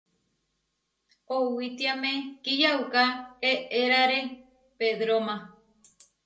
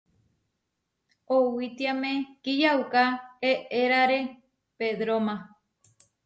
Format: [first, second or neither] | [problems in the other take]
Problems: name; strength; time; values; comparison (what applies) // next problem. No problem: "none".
second | room echo; dies away in 0.2 s